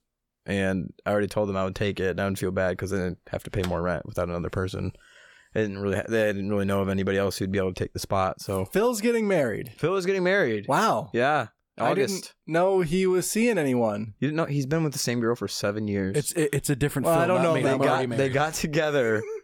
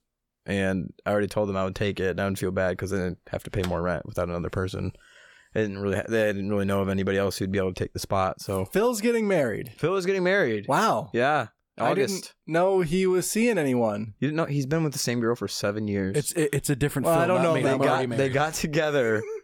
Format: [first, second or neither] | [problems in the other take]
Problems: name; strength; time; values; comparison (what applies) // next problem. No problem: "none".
neither | none